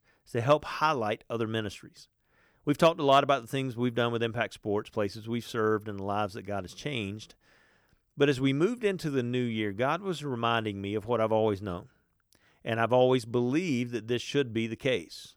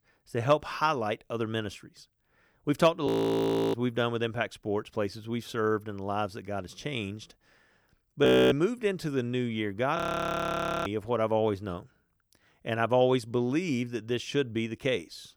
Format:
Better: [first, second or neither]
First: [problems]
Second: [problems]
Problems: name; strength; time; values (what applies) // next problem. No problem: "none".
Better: first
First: none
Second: audio freezing; at 3 s for 0.5 s, at 8.5 s and at 10 s for 1 s